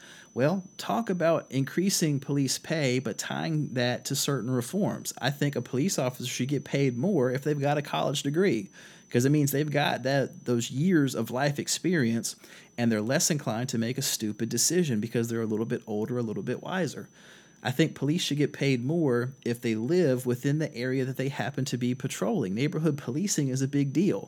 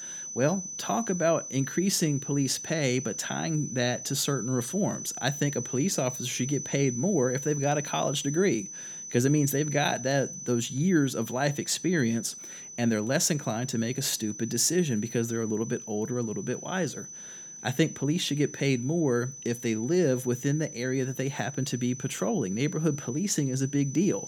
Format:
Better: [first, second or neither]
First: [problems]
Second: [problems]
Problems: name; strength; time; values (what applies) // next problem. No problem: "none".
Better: first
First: high-pitched whine; faint; throughout; 6 kHz, 30 dB below the speech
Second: high-pitched whine; loud; throughout; 6 kHz, 9 dB below the speech